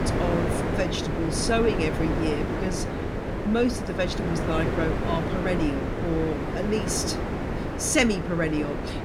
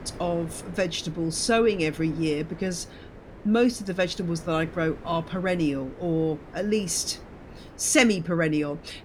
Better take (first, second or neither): second